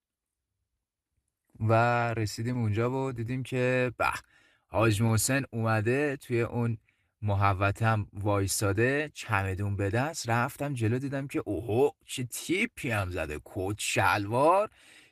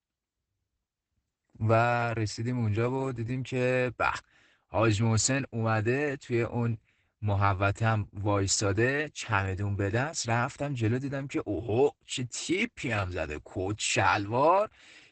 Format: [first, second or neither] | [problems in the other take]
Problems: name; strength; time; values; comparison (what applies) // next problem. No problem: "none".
first | garbled, watery; badly; nothing above 8 kHz; slightly in the first